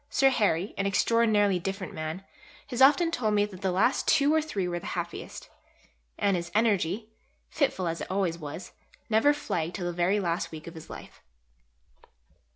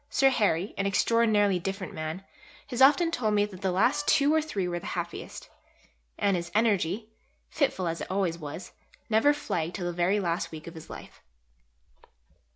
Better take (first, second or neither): first